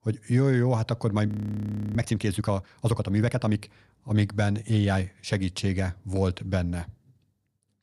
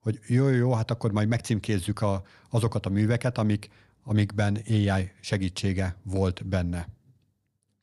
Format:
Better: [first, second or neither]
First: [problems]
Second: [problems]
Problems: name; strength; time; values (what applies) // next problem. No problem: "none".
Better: second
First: audio freezing; at 1.5 s for 0.5 s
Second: none